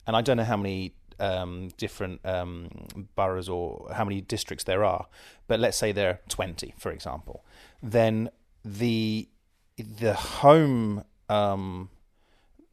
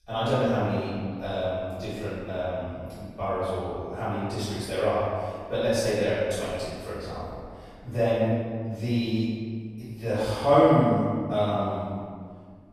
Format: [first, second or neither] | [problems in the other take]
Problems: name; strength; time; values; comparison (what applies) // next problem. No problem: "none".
first | off-mic speech; far // room echo; strong; dies away in 1.8 s